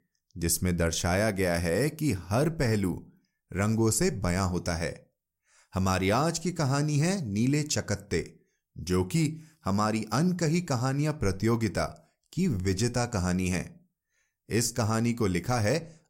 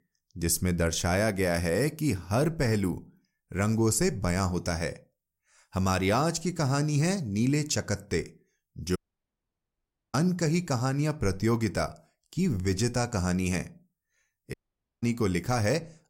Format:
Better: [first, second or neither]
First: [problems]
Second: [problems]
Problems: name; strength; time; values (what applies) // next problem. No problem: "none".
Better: first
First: none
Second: audio cutting out; at 9 s for 1 s and at 15 s